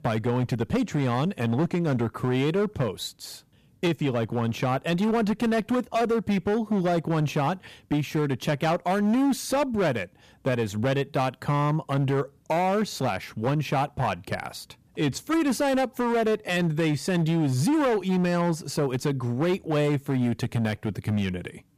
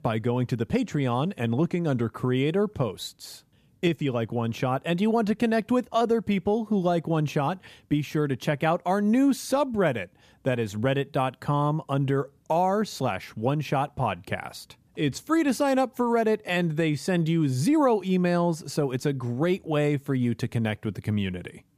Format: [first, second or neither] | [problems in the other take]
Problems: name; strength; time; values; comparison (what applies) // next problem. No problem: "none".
second | distortion; slight; 14% of the sound clipped